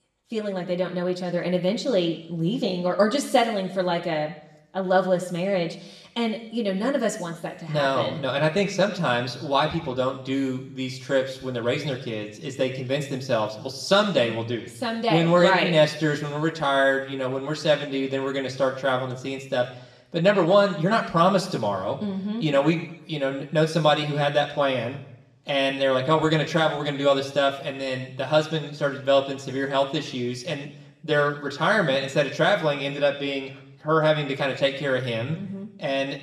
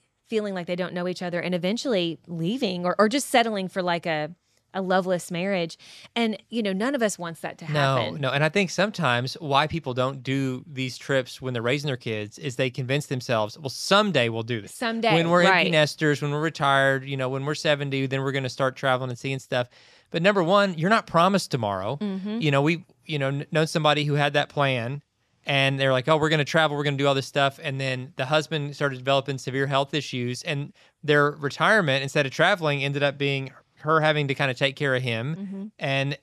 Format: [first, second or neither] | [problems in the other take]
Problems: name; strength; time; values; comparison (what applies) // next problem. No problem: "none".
second | room echo; slight; dies away in 0.8 s // off-mic speech; somewhat distant